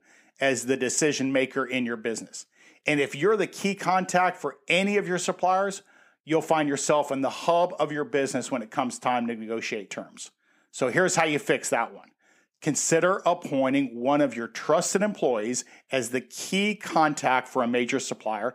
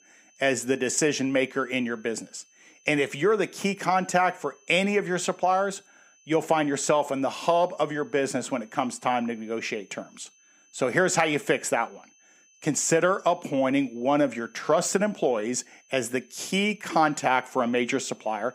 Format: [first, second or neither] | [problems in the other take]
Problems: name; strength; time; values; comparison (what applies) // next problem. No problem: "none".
first | high-pitched whine; faint; throughout; 6 kHz, 30 dB below the speech